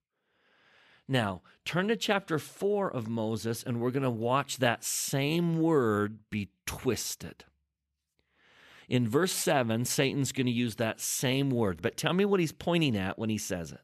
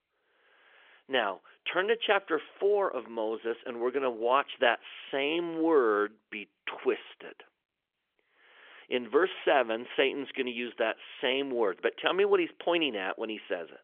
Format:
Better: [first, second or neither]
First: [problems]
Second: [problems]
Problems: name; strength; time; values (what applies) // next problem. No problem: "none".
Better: first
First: none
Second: phone-call audio; nothing above 3.5 kHz